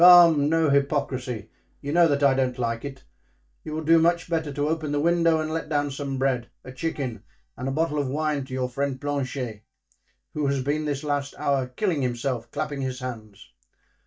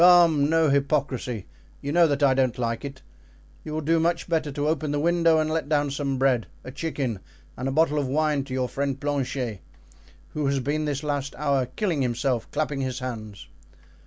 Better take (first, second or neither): second